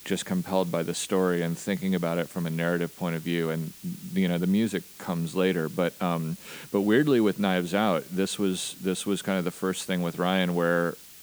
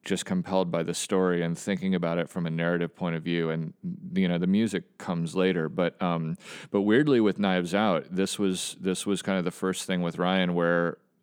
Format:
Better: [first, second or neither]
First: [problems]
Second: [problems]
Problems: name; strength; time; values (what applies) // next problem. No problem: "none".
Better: second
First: hiss; noticeable; throughout; 20 dB below the speech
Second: none